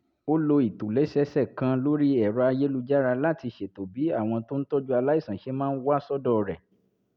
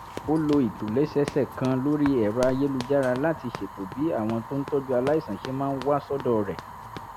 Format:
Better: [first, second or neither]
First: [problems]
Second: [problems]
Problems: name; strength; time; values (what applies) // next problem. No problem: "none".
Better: first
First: none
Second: background sound (Run + Fire); 13 dB below the speech